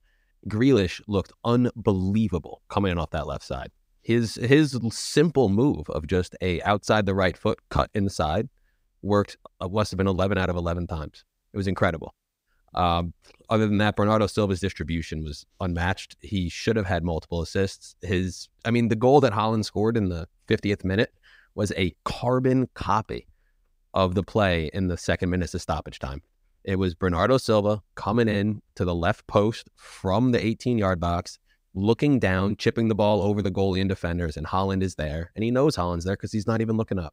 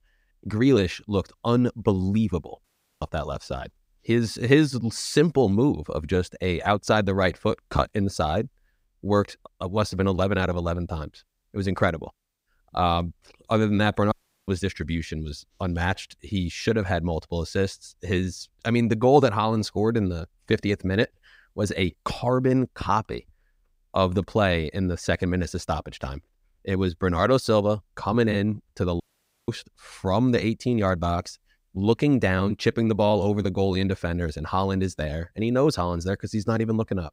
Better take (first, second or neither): first